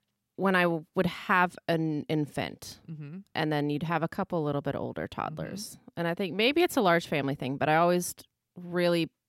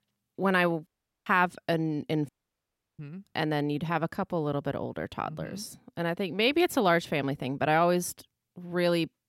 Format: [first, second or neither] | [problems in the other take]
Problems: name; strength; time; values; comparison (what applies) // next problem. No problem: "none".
first | audio cutting out; at 1 s and at 2.5 s for 0.5 s